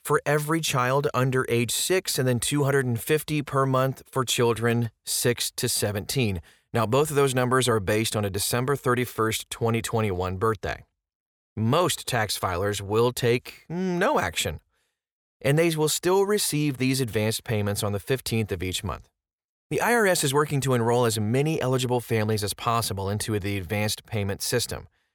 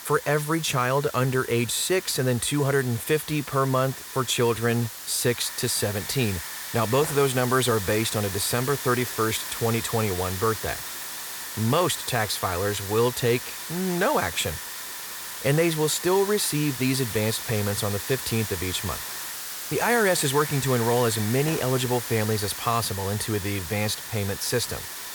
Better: first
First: none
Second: hiss; loud; throughout; 8 dB below the speech

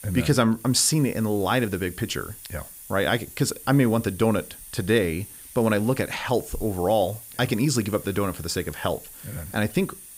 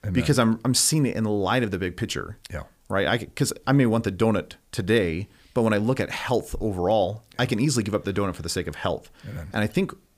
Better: second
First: hiss; noticeable; throughout; 15 dB below the speech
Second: none

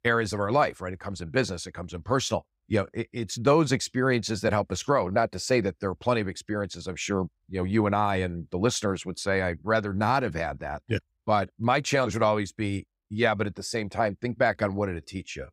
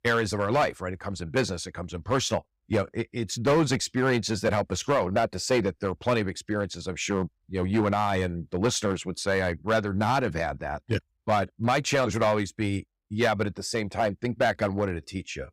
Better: first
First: none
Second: distortion; slight; 4% of the sound clipped

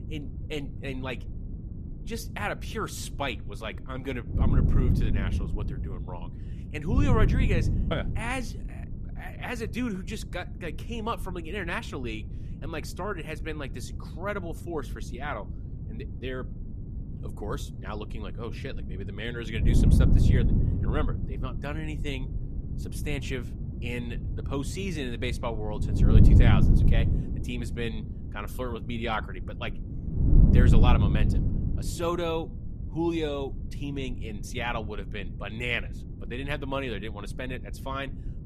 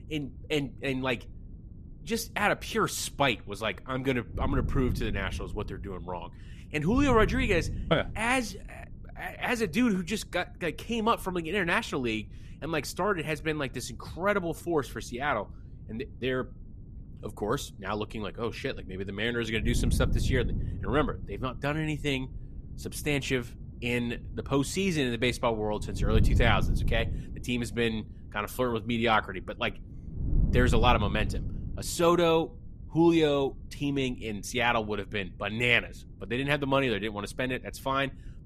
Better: second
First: wind noise on the microphone; heavy; 7 dB below the speech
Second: wind noise on the microphone; occasional gusts; 20 dB below the speech

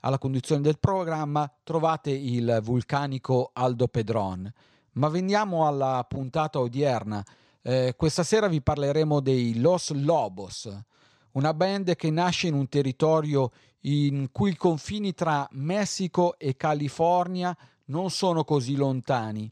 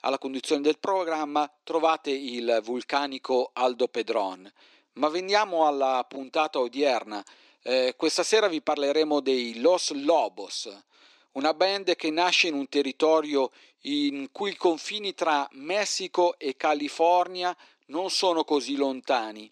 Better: first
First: none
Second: thin; somewhat; fading below 300 Hz

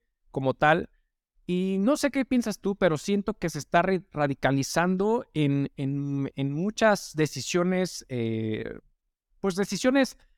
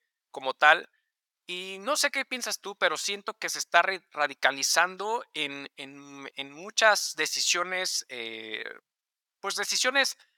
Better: first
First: none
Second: thin; very; fading below 1 kHz

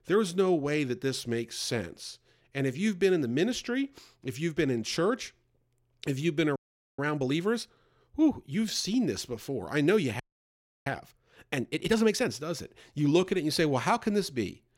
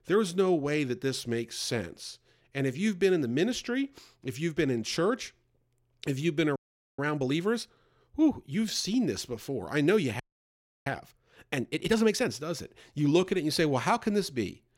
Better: neither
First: audio freezing; at 6.5 s and at 10 s for 0.5 s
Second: audio freezing; at 6.5 s and at 10 s for 0.5 s

